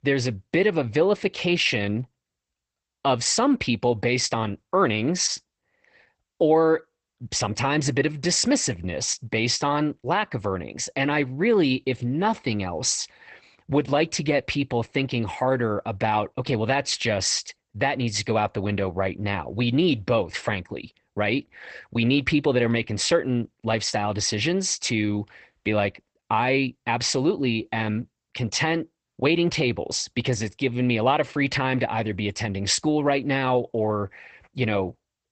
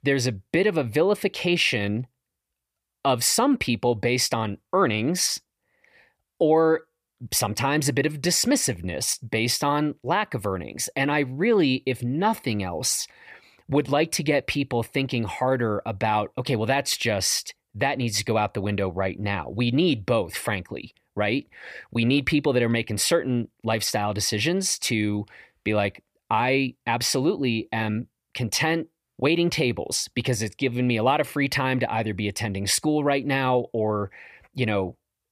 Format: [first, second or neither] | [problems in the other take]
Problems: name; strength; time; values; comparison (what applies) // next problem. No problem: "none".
second | garbled, watery; badly; nothing above 8 kHz